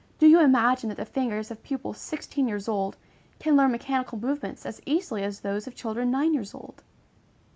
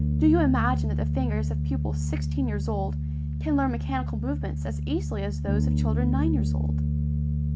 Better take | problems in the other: first | background sound (Bass guitar); 4 dB above the speech

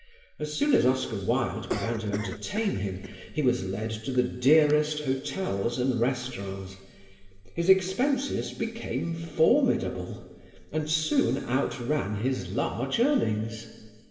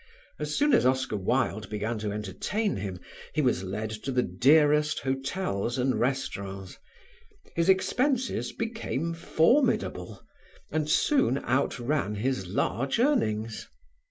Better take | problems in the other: second | background sound (Cough); 14 dB below the speech // room echo; dies away in 1.9 s

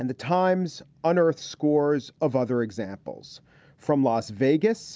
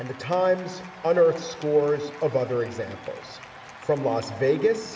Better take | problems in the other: first | background sound (Applause / Cheering); 18 dB below the speech // room echo; dies away in 2.6 s

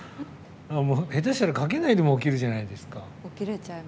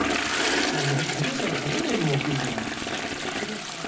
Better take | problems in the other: first | background sound (Toilet flush); 3 dB above the speech // room echo; dies away in 0.4 s

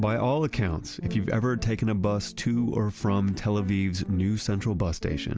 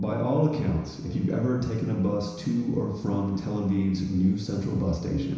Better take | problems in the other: first | room echo; dies away in 1 s

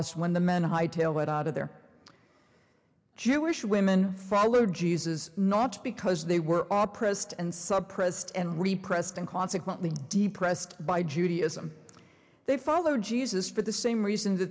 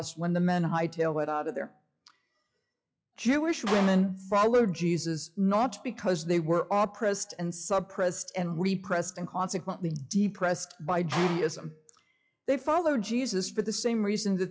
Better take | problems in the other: first | noise reduction (classical method log-MMSE)

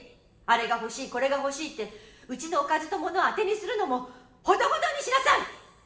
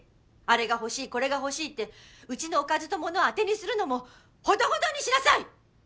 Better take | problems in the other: second | room echo; dies away in 1.1 s

